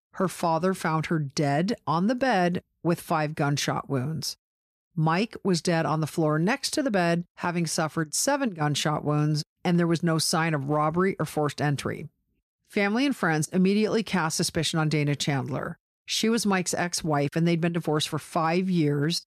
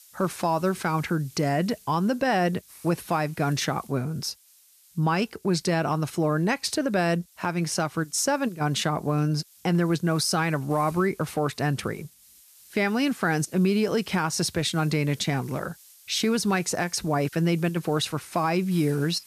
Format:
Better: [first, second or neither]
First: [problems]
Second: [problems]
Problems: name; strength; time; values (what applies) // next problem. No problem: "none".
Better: first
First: none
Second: hiss; faint; throughout; 25 dB below the speech